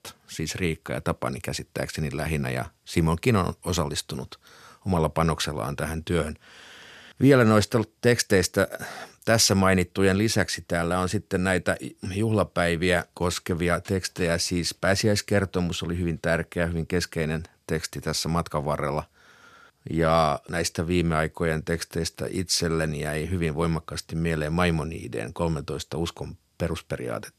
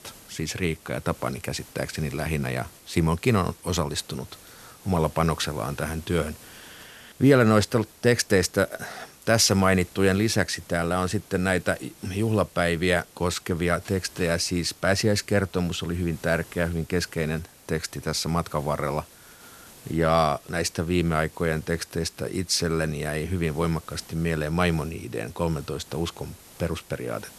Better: first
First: none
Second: hiss; faint; throughout; 20 dB below the speech

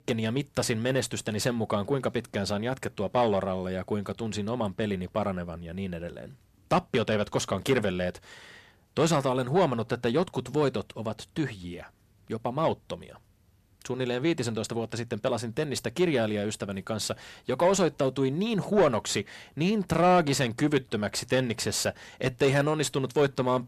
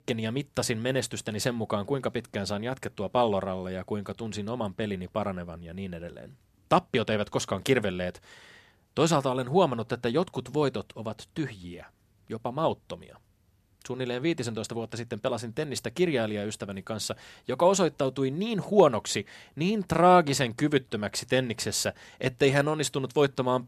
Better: second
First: distortion; slight; 10 dB below the speech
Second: none

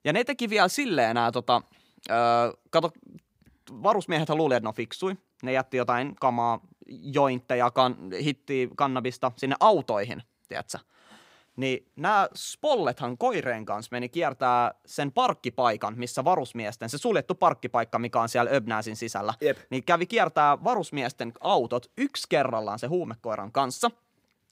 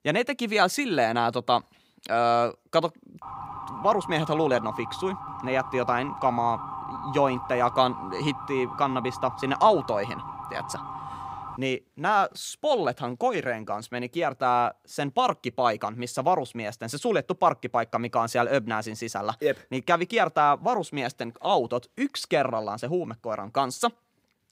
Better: first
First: none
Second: siren; noticeable; from 3 to 12 s; peak 9 dB below the speech

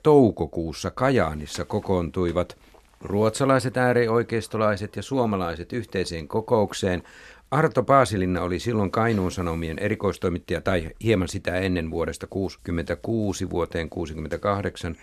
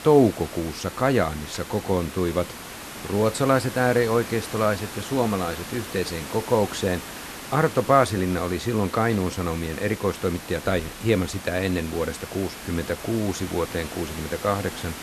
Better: first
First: none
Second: hiss; noticeable; throughout; 10 dB below the speech

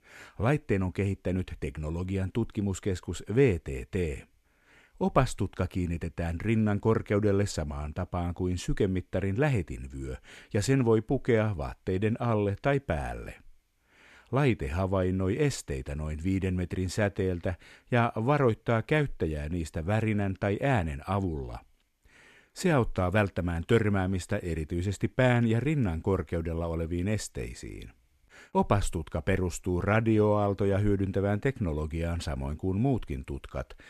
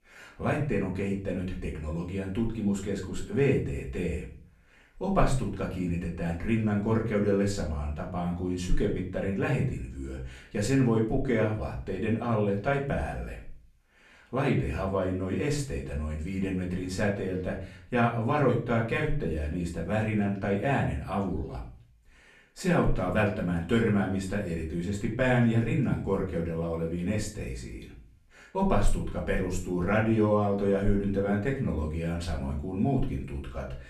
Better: first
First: none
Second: off-mic speech; far // room echo; slight; dies away in 0.4 s

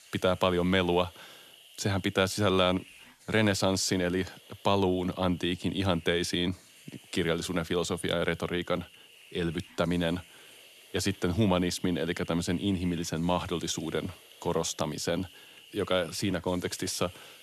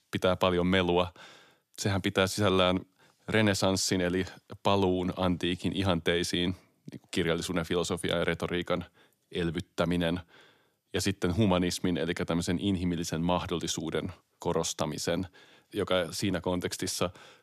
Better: second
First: hiss; faint; throughout; 20 dB below the speech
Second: none

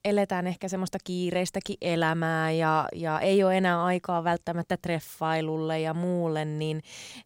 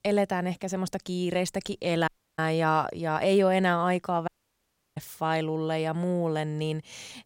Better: first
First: none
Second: audio cutting out; at 2 s and at 4.5 s for 0.5 s

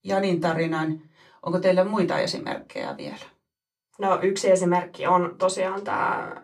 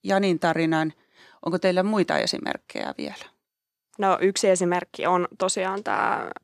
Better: second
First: off-mic speech; somewhat distant // room echo; very slight; dies away in 0.2 s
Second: none

